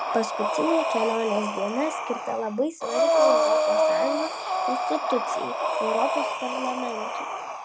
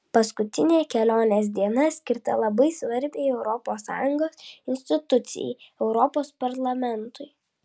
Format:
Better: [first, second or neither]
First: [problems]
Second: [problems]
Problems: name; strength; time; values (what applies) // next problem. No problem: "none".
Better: second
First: background sound (Breathing); 4 dB above the speech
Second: none